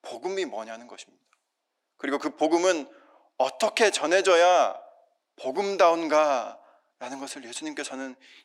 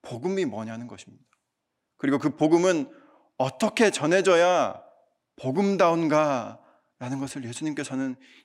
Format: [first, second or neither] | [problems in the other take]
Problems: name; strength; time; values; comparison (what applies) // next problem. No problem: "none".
second | thin; somewhat; fading below 400 Hz